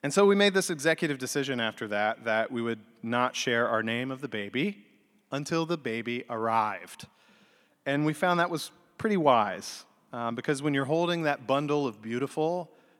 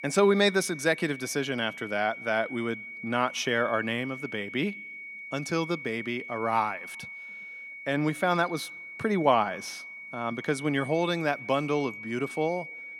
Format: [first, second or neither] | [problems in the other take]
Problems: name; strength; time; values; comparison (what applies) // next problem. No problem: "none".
first | high-pitched whine; noticeable; throughout; 2 kHz, 10 dB below the speech